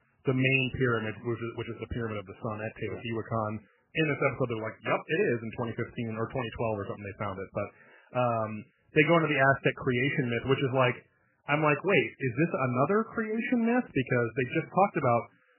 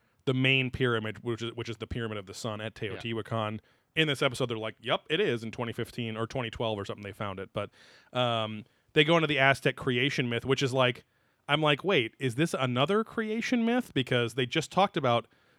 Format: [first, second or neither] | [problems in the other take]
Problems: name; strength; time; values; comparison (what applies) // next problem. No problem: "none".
second | garbled, watery; badly; nothing above 3 kHz